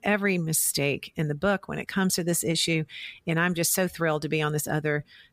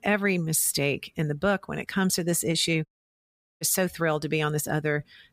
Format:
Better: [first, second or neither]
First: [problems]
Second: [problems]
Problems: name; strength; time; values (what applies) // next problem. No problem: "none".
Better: first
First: none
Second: audio cutting out; at 3 s for 1 s